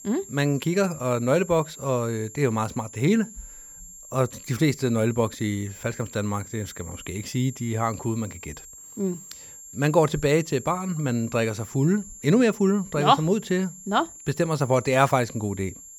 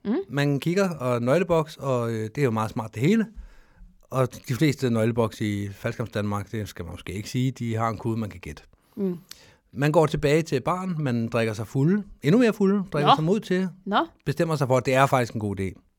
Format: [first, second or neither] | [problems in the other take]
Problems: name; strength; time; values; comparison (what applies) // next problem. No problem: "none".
second | high-pitched whine; noticeable; throughout; 7.5 kHz, 15 dB below the speech